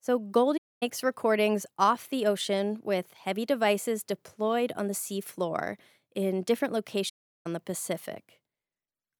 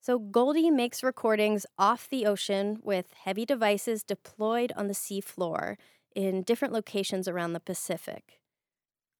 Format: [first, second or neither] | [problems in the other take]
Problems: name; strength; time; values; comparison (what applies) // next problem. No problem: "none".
second | audio cutting out; at 0.5 s and at 7 s